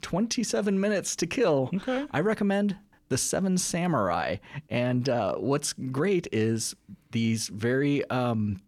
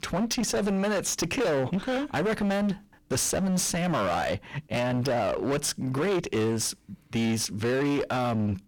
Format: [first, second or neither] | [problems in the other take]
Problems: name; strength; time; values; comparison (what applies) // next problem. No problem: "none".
first | distortion; heavy; 26% of the sound clipped